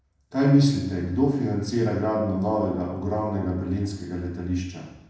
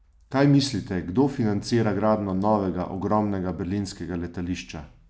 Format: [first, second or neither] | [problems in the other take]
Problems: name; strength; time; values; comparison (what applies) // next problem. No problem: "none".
second | room echo; dies away in 0.9 s